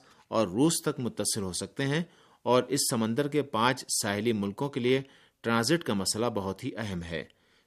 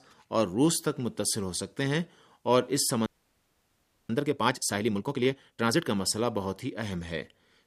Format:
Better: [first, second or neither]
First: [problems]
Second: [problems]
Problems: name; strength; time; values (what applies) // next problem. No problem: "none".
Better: first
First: none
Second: audio freezing; at 3 s for 1 s